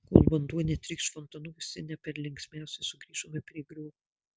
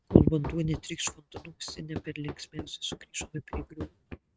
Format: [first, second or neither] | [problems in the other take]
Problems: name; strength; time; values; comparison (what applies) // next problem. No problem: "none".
first | noise reduction (neural mask model RNNoise)